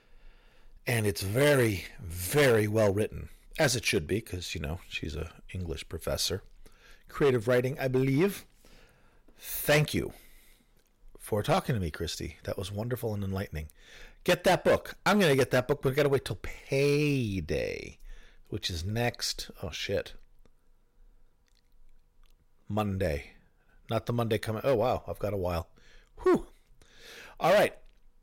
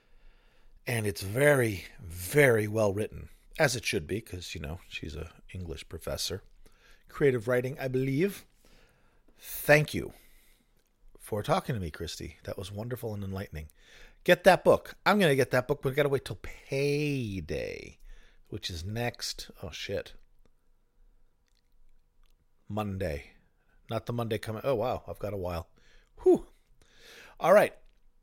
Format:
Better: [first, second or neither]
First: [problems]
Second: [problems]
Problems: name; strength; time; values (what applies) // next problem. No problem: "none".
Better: second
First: distortion; heavy; 3% of the sound clipped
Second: none